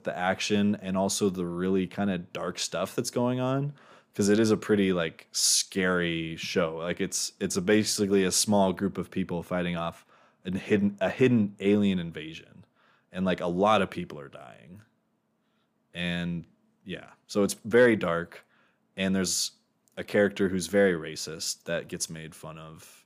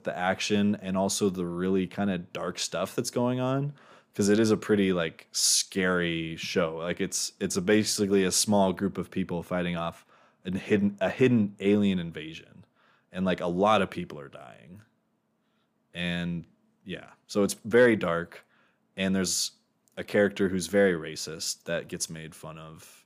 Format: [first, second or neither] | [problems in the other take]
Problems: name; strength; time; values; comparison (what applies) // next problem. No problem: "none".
neither | none